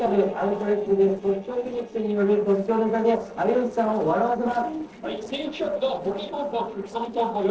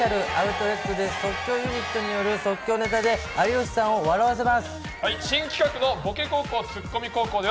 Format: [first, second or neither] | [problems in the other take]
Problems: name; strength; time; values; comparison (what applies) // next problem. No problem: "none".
second | noise reduction (neural separator model SepFormer DNS4)